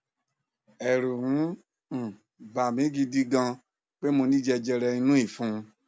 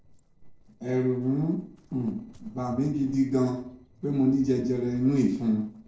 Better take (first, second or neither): first